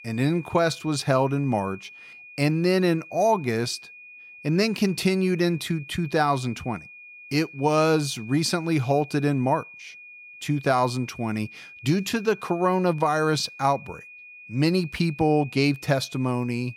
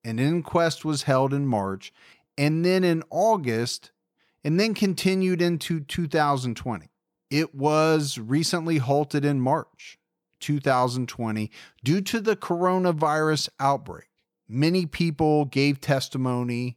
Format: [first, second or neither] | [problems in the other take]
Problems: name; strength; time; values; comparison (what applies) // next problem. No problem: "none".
second | high-pitched whine; noticeable; throughout; 2.5 kHz, 20 dB below the speech